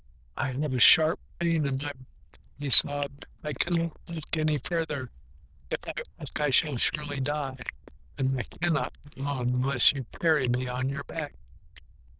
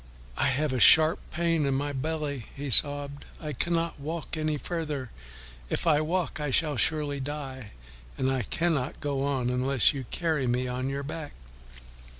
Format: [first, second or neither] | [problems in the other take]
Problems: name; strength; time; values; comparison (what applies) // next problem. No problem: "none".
second | noise reduction (neural diffusion model UNIVERSE++)